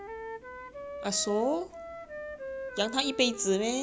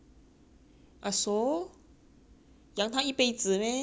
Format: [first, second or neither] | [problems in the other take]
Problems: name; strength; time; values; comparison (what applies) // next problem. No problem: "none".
second | background sound (Wind instrument, woodwind instrument); 9 dB below the speech